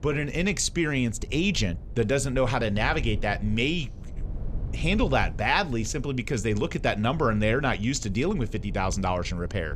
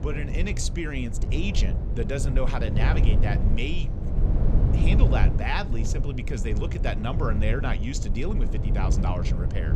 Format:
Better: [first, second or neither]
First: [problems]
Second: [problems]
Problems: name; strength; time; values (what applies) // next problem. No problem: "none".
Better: first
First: low rumble; faint; throughout; 25 dB below the speech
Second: low rumble; loud; throughout; 6 dB below the speech